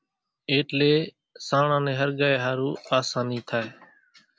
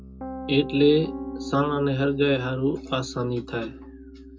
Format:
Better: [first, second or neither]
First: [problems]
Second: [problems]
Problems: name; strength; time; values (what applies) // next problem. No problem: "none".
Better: first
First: none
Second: background sound (Piano); 11 dB below the speech // room echo; dies away in 0.2 s